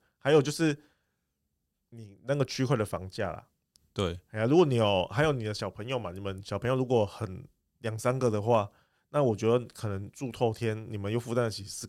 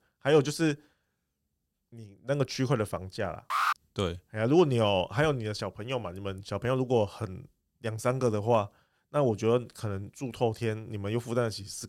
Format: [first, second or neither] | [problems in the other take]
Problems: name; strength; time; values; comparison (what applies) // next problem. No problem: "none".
first | alarm; loud; at 3.5 s; peak 1 dB above the speech